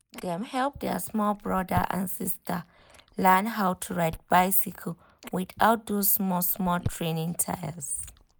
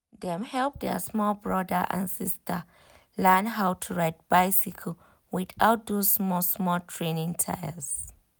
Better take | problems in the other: second | noise reduction (neural mask model Resemble Enhance denoiser)

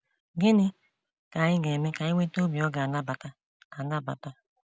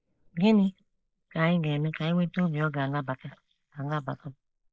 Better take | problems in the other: first | noise reduction (neural mask model Resemble Enhance denoiser)

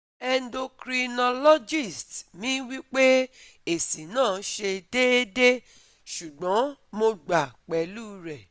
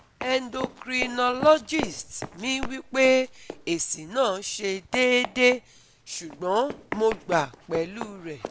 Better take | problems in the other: first | background sound (Run); 13 dB below the speech

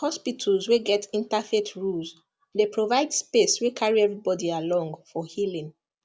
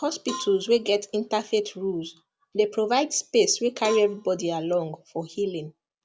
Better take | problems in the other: first | background sound (Cowbell); 17 dB below the speech

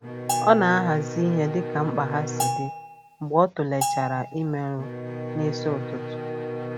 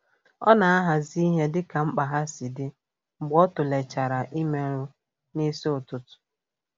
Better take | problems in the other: second | background sound (Bowed string instrument + Bell); 5 dB below the speech

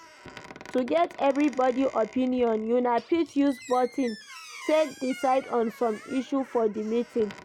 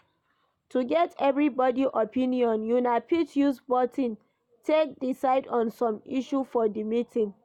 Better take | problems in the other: second | background sound (Squeak); 19 dB below the speech

